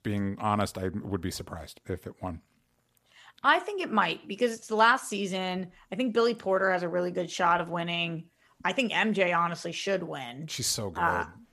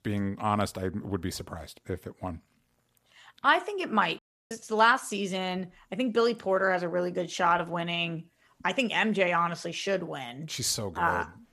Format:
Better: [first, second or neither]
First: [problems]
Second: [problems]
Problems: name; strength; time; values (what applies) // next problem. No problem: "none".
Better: first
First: none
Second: audio cutting out; at 4 s